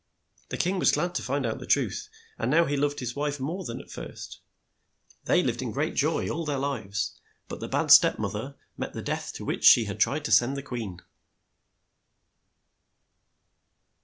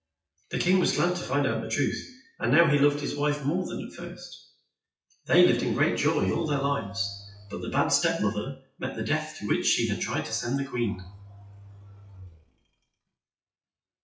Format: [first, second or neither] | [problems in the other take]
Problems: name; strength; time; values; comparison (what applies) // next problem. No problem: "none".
first | noise reduction (classical method WPE with log-MMSE)